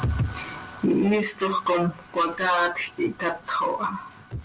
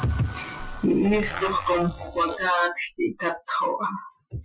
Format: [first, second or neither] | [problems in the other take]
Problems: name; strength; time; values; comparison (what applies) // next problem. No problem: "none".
first | noise reduction (classical method Wiener filter)